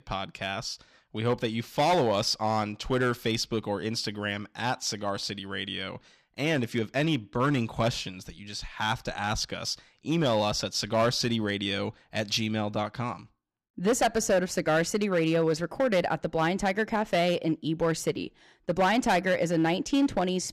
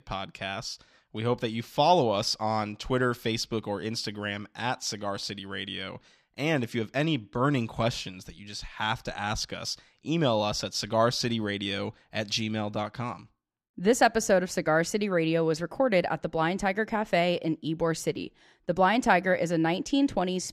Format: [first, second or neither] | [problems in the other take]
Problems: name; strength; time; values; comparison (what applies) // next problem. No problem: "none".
second | distortion; slight; 4% of the sound clipped